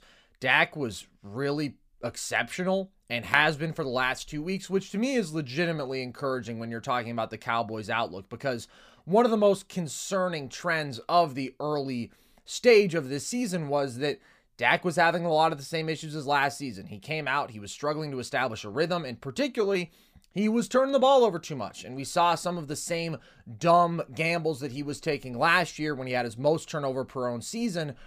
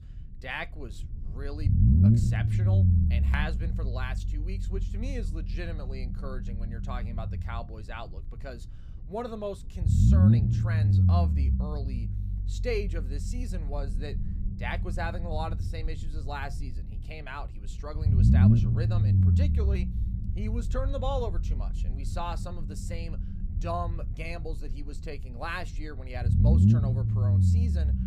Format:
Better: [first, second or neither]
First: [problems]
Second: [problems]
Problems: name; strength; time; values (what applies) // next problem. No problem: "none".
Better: first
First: none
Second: low rumble; loud; throughout; as loud as the speech